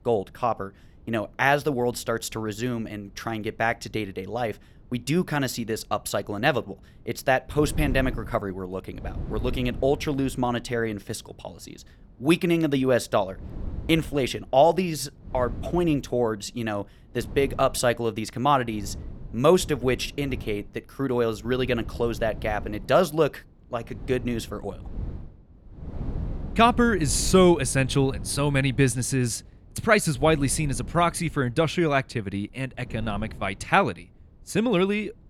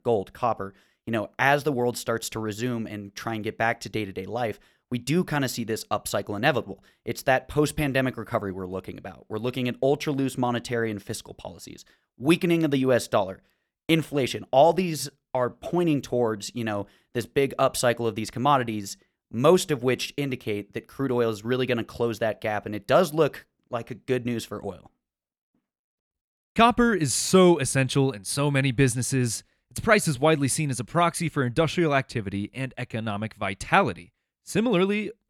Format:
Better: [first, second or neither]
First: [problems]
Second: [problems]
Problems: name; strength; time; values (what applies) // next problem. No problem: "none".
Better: second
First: wind noise on the microphone; occasional gusts; 25 dB below the speech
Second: none